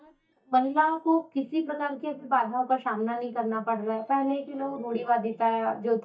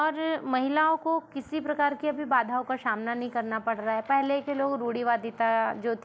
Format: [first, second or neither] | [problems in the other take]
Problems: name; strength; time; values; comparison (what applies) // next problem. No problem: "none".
second | noise reduction (neural mask model DeepFilterNet 3)